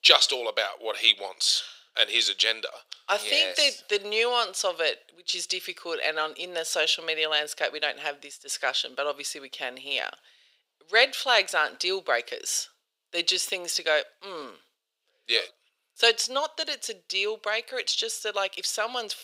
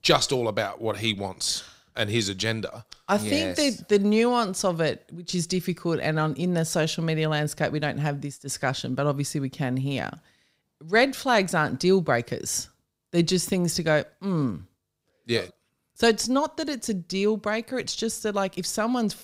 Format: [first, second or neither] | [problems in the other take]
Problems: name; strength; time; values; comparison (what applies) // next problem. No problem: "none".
second | thin; very; fading below 500 Hz